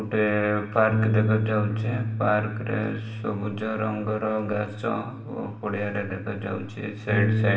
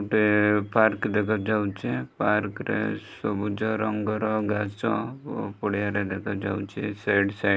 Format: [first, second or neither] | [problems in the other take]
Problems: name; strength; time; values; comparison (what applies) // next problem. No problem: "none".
second | background sound (Bass guitar); 2 dB below the speech // room echo; dies away in 0.8 s